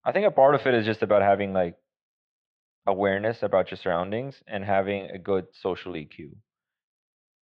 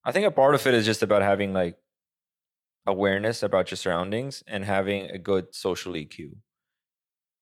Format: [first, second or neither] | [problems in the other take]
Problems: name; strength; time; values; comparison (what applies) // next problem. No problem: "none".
second | muffled; very; fading above 3.5 kHz